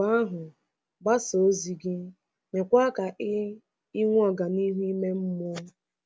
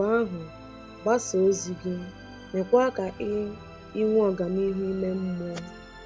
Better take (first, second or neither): first